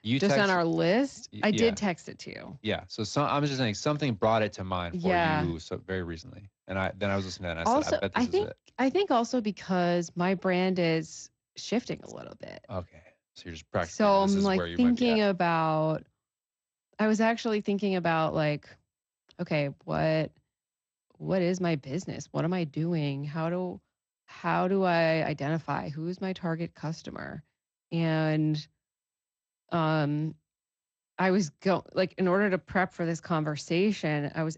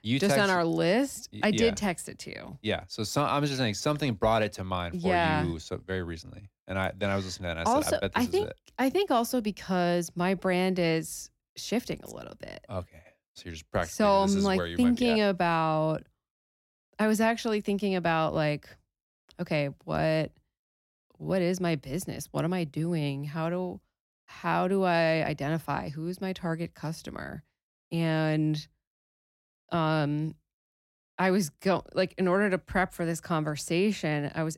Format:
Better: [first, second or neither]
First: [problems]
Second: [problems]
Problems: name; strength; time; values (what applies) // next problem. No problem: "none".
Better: second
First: garbled, watery; slightly; nothing above 7.5 kHz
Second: none